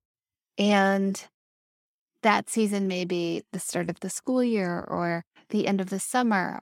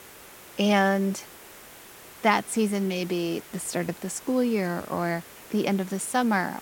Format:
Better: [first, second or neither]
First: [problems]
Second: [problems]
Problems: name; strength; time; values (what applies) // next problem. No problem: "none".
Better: first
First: none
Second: hiss; noticeable; throughout; 20 dB below the speech